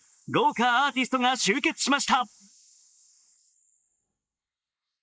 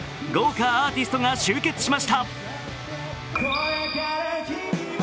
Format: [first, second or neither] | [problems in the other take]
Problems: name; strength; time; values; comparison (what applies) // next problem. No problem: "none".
second | noise reduction (neural mask model Resemble Enhance denoiser)